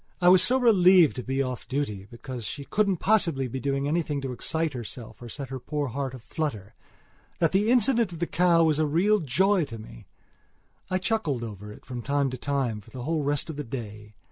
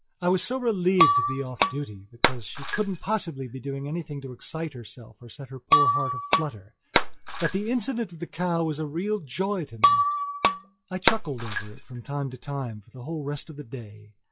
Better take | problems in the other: first | noise reduction (classical method log-MMSE)

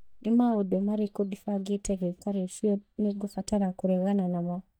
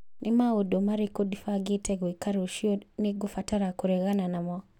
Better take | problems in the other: second | noise reduction (neural mask model DeepFilterNet 3)

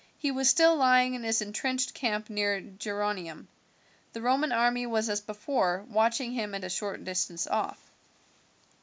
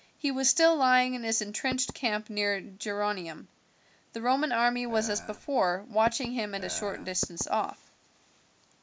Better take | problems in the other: first | background sound (Burping, eructation + Knock / Wood); 14 dB below the speech

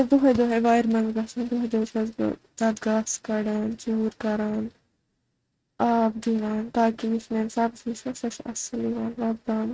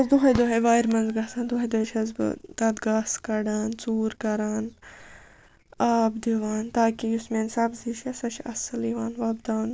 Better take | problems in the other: second | noise reduction (neural mask model RNNoise)

